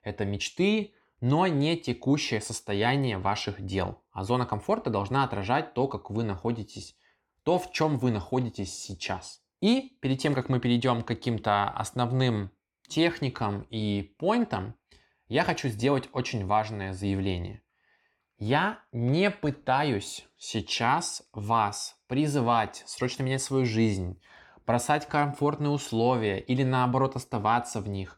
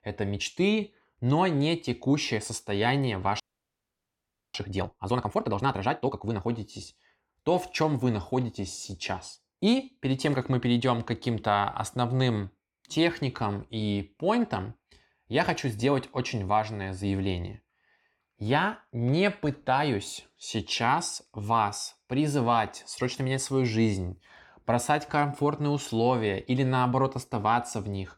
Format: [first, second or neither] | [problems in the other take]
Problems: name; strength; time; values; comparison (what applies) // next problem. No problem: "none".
first | audio freezing; at 3.5 s for 1 s